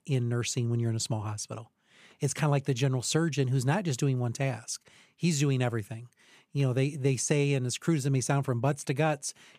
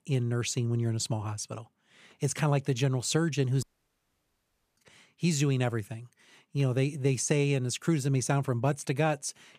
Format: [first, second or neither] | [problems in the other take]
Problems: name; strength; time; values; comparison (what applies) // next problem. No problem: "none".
first | audio cutting out; at 3.5 s for 1 s